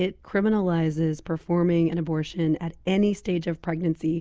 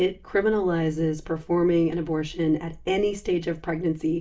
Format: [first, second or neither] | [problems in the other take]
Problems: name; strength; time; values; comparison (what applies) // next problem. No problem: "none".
first | room echo; dies away in 0.2 s